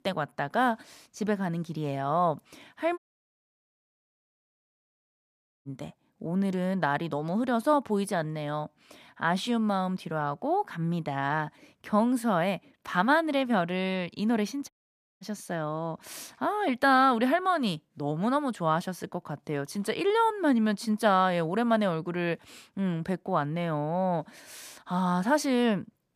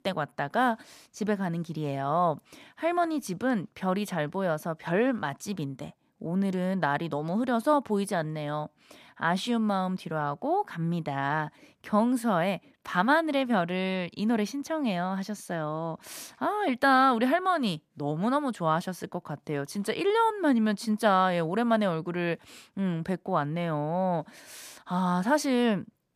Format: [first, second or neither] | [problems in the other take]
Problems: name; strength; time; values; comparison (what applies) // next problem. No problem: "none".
second | audio cutting out; at 3 s for 2.5 s and at 15 s for 0.5 s